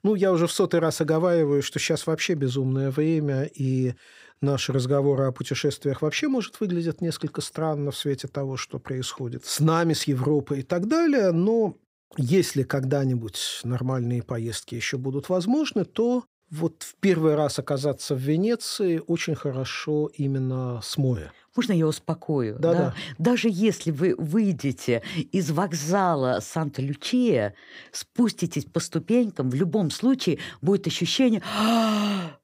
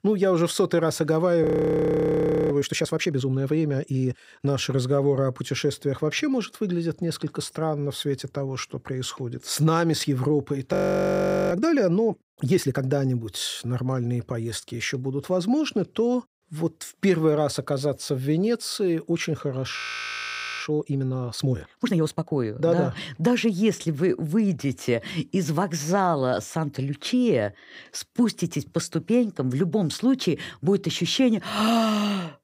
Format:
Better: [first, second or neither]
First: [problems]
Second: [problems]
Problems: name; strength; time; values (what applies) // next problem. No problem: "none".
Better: first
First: none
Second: audio freezing; at 1.5 s for 1 s, at 11 s for 1 s and at 20 s for 1 s